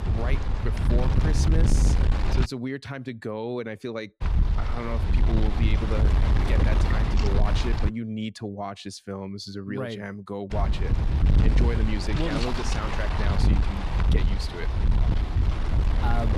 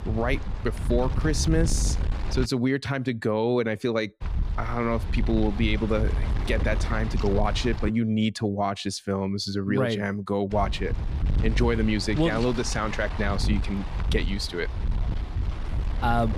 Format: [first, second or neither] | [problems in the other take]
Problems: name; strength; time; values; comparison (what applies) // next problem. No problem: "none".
second | wind noise on the microphone; heavy; until 2.5 s, from 4 to 8 s and from 11 s on; as loud as the speech; occasional gusts in the second